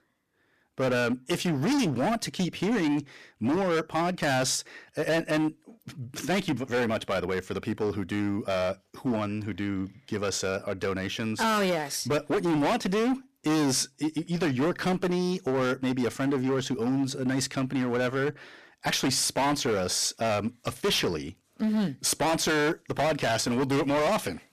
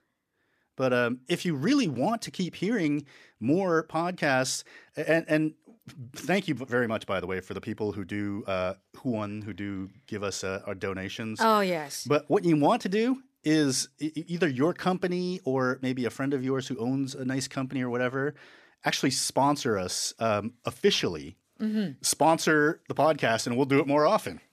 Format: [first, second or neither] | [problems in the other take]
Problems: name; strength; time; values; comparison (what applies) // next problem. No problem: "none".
second | distortion; heavy; 18% of the sound clipped